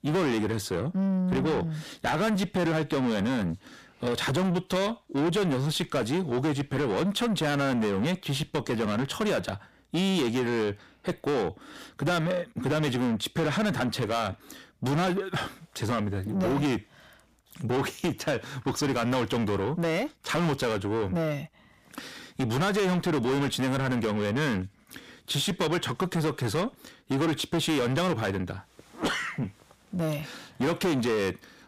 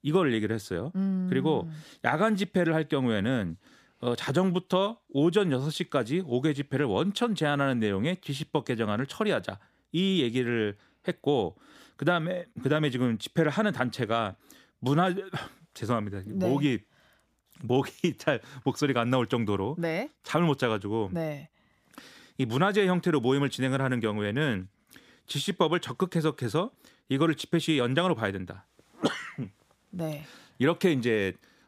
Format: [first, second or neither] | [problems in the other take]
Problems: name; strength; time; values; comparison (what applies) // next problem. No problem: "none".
second | distortion; heavy; 6 dB below the speech